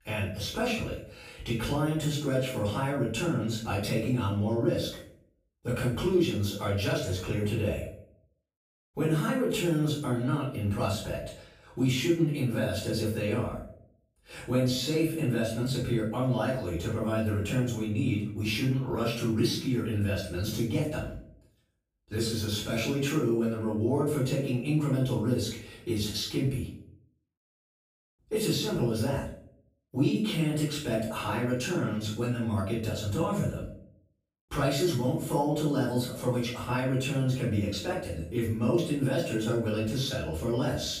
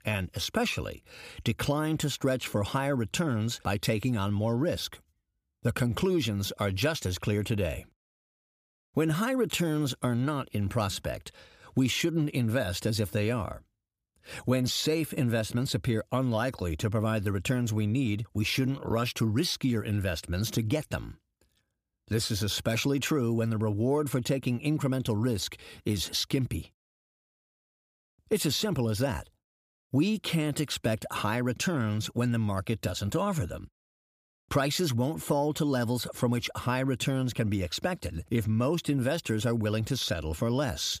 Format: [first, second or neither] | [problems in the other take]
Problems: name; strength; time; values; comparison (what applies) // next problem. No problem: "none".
second | off-mic speech; far // room echo; noticeable; dies away in 0.5 s